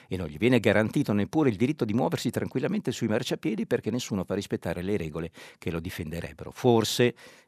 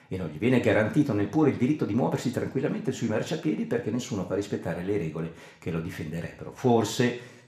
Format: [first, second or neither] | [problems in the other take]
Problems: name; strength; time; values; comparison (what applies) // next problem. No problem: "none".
first | room echo; slight; dies away in 0.5 s